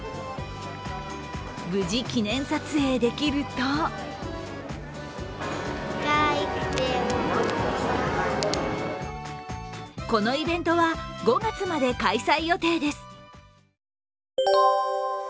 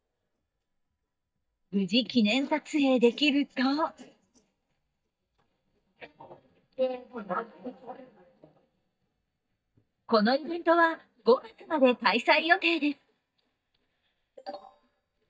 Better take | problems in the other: first | noise reduction (neural mask model DeepFilterNet 3)

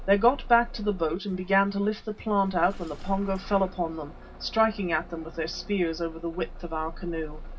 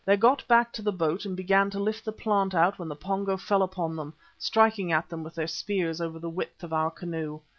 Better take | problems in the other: second | background sound (Engine starting / Bus); 12 dB below the speech // room echo; dies away in 0.4 s

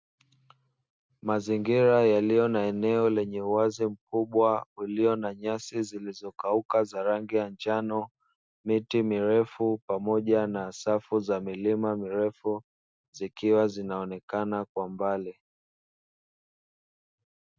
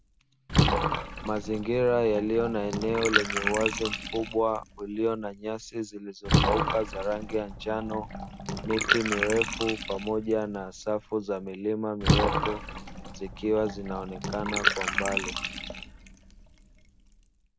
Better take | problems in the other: first | background sound (Bathtub (filling or washing) / Water); 1 dB below the speech

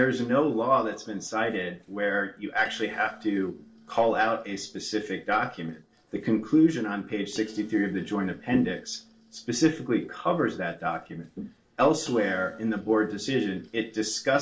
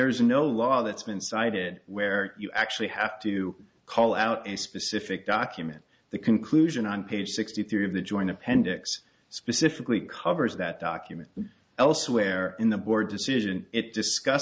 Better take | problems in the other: second | noise reduction (neural separator model SepFormer DNS4)

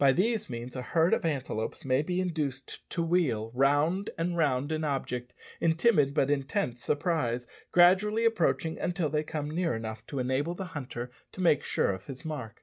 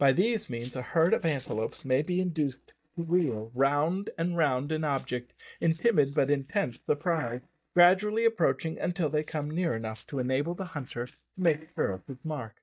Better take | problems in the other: first | noise reduction (neural mask model DeepFilterNet 3)

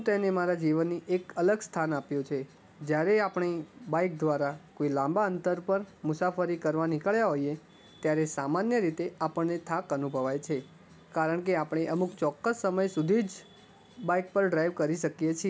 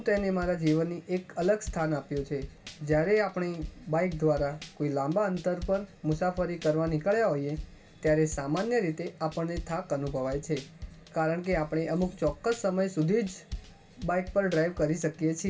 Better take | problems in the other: first | background sound (Drum kit); 16 dB below the speech // room echo; dies away in 0.2 s

